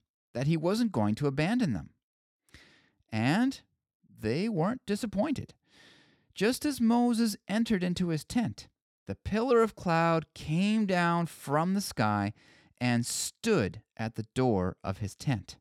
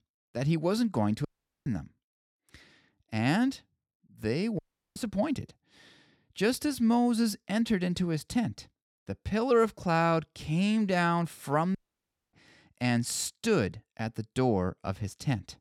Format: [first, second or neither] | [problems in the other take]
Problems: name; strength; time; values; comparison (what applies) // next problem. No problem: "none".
first | audio cutting out; at 1.5 s, at 4.5 s and at 12 s for 0.5 s